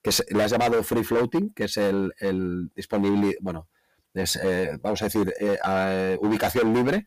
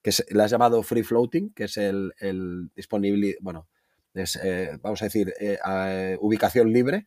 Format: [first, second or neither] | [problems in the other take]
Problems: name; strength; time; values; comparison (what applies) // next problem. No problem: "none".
second | distortion; heavy; 14% of the sound clipped